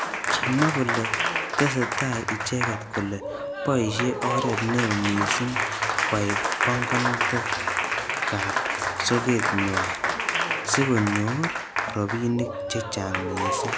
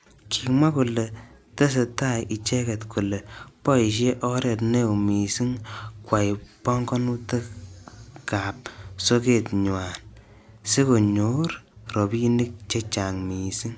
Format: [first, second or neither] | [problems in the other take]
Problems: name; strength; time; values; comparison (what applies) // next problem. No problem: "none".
second | background sound (Applause); 1 dB above the speech